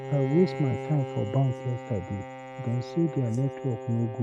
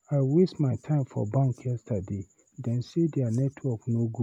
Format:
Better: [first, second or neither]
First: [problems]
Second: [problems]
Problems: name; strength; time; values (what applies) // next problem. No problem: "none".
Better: second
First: noise reduction (neural mask model RNNoise)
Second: none